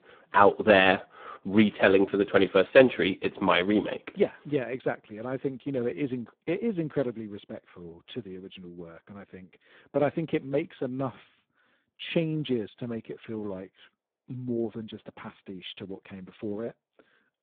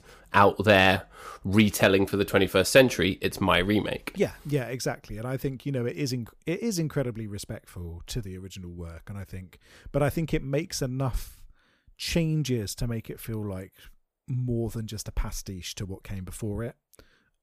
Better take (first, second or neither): second